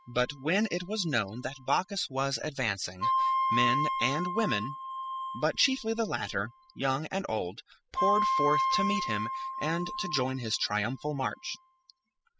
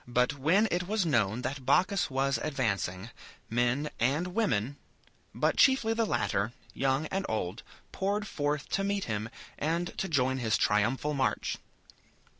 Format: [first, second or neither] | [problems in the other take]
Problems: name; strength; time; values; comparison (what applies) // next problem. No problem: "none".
second | noise reduction (classical method spectral subtraction)